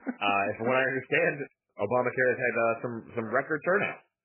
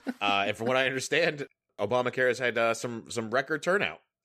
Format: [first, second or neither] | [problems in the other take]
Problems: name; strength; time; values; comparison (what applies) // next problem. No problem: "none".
second | garbled, watery; badly; nothing above 3 kHz